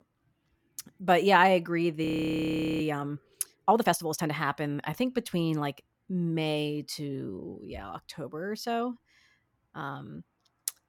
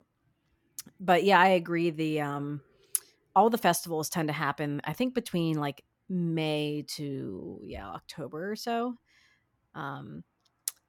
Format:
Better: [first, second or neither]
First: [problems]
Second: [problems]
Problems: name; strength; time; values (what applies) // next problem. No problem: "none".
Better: second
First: audio freezing; at 2 s for 1 s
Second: none